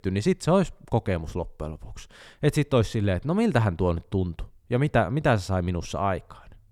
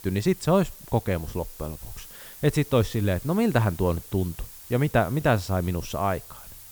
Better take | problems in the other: first | hiss; noticeable; throughout; 15 dB below the speech

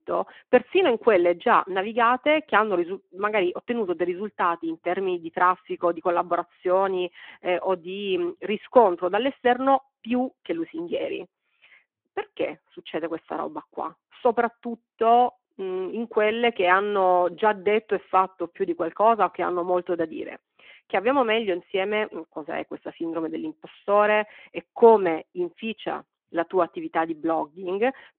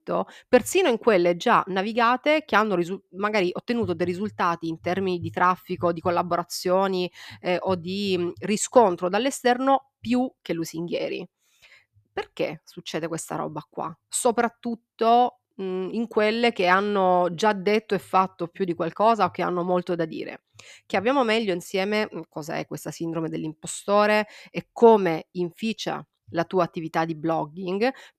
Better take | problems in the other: second | phone-call audio

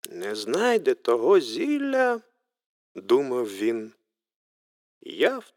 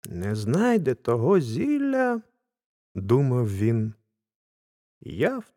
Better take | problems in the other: second | thin; somewhat; fading below 350 Hz

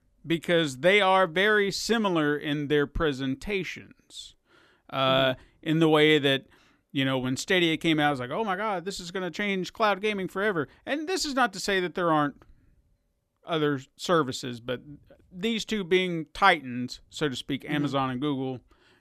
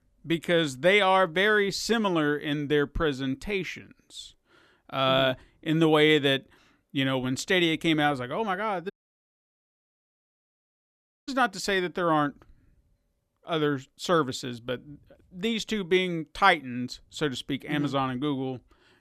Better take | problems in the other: first | audio cutting out; at 9 s for 2.5 s

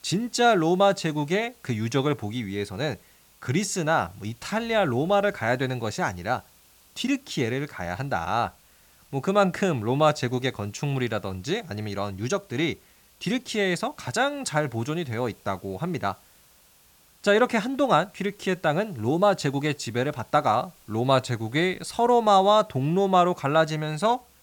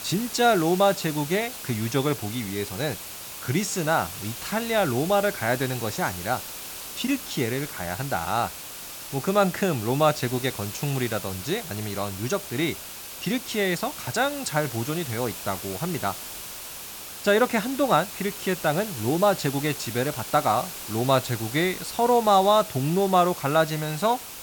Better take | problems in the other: first | hiss; loud; throughout; 9 dB below the speech; faint in the first

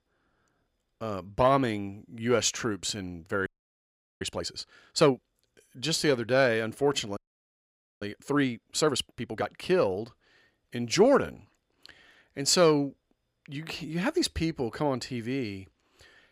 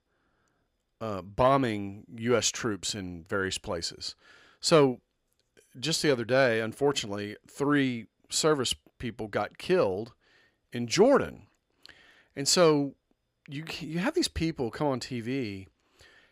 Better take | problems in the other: second | audio freezing; at 3.5 s for 1 s and at 7 s for 1 s

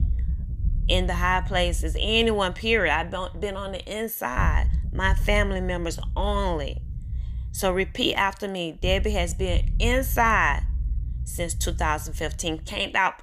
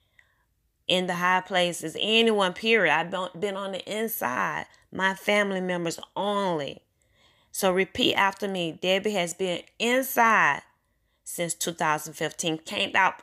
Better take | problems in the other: second | low rumble; faint; throughout; 25 dB below the speech

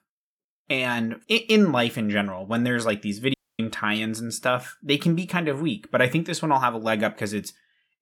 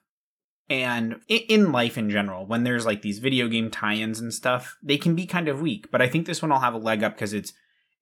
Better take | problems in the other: second | audio cutting out; at 3.5 s

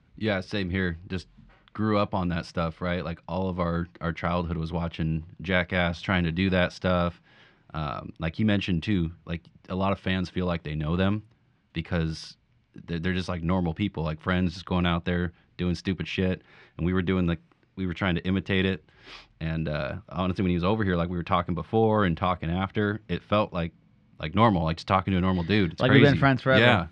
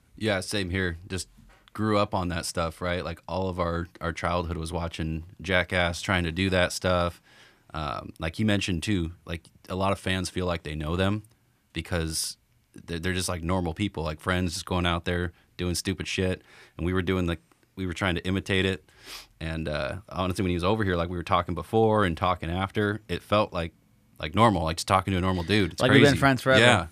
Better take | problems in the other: second | muffled; very slightly; fading above 4 kHz

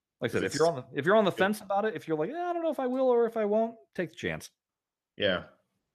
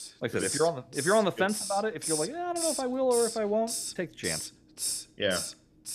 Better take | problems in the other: first | hiss; loud; throughout; 5 dB below the speech

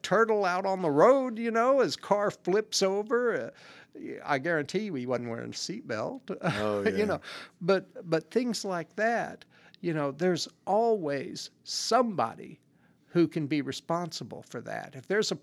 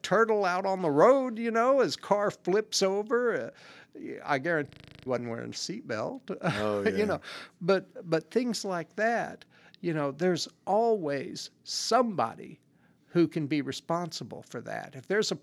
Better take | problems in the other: first | audio freezing; at 4.5 s

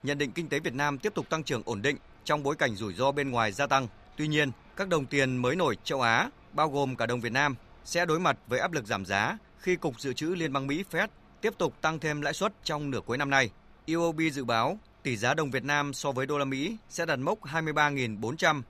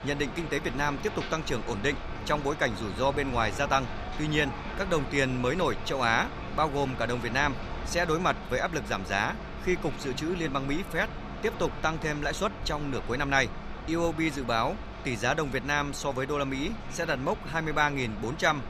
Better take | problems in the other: first | rain or running water; loud; throughout; 10 dB below the speech; faint in the first

